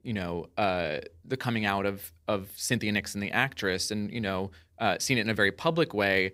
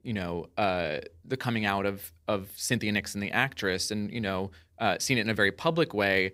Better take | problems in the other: neither | none

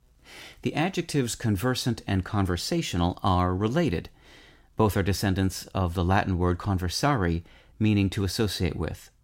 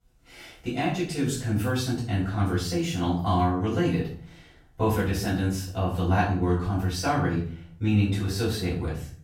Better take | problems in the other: first | off-mic speech; far // room echo; noticeable; dies away in 0.5 s

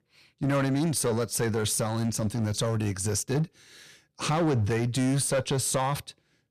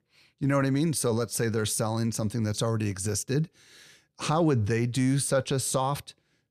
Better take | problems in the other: second | distortion; slight; 11% of the sound clipped

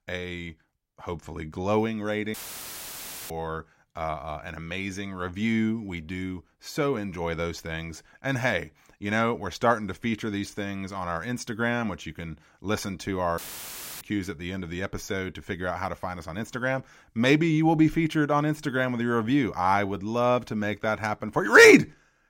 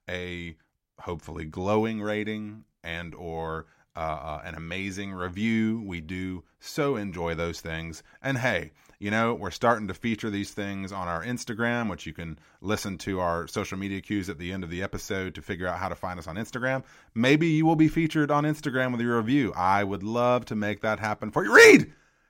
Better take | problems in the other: second | audio cutting out; filled with static; at 2.5 s for 1 s and at 13 s for 0.5 s

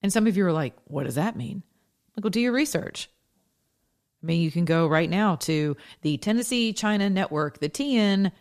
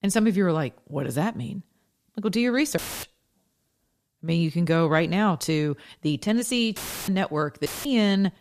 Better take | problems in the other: first | audio cutting out; filled with static; at 3 s, at 7 s and at 7.5 s

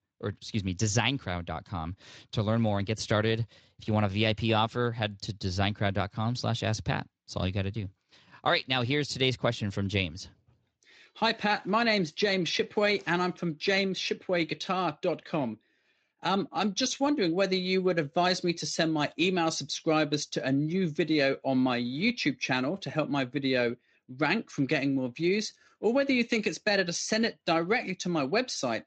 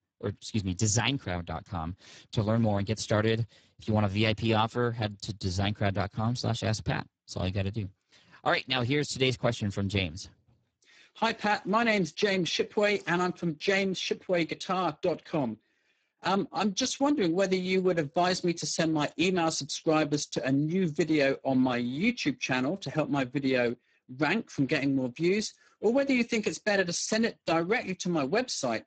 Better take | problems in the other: first | garbled, watery; badly; nothing above 7.5 kHz; slightly in the first

